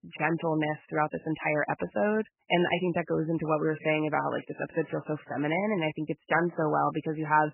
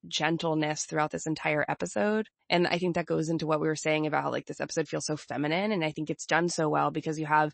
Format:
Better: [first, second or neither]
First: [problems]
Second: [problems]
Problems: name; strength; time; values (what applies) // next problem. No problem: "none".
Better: second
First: garbled, watery; badly; nothing above 3 kHz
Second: garbled, watery; slightly; nothing above 8 kHz